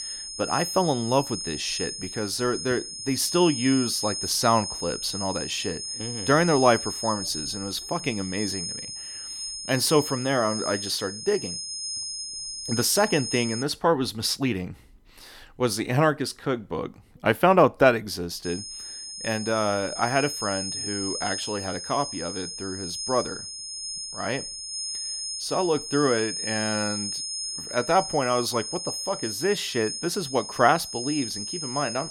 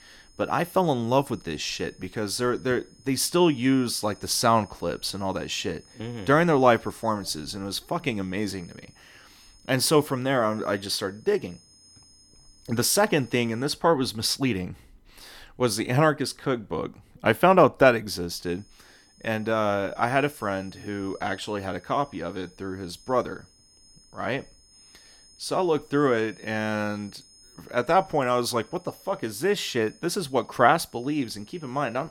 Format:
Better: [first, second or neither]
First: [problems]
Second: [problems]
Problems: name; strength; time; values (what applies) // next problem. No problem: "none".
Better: second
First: high-pitched whine; loud; until 14 s and from 18 s on; 5 kHz, 5 dB below the speech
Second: high-pitched whine; faint; until 14 s and from 18 s on; 5 kHz, 30 dB below the speech